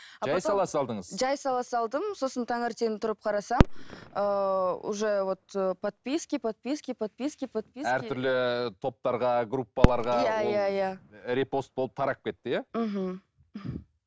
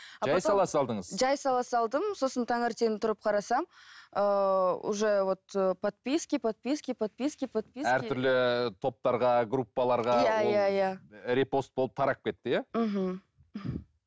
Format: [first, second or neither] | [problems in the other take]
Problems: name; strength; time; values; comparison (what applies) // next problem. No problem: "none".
second | background sound (Fireworks); 1 dB below the speech